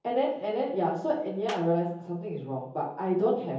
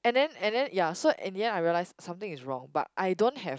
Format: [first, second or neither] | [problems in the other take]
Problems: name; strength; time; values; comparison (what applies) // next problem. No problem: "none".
second | background sound (Clapping); 17 dB below the speech // room echo; dies away in 0.7 s